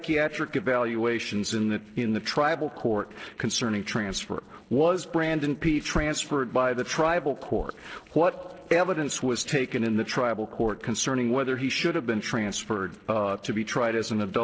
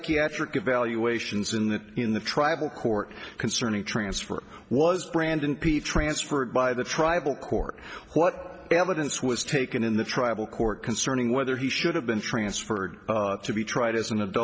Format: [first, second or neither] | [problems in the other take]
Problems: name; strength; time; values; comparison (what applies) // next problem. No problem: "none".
second | noise reduction (neural separator model SepFormer DNS4)